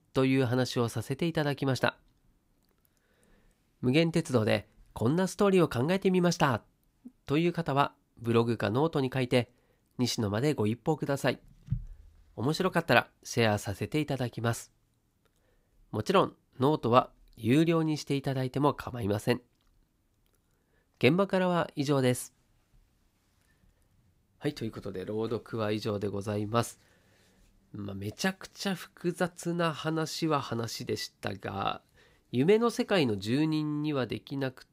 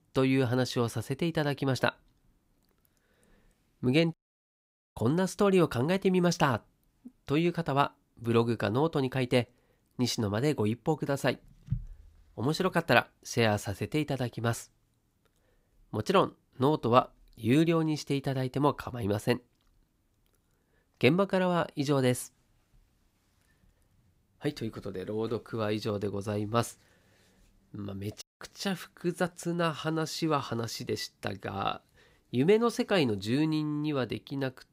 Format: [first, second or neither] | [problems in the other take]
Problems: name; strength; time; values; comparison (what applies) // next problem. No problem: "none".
first | audio cutting out; at 4 s for 1 s and at 28 s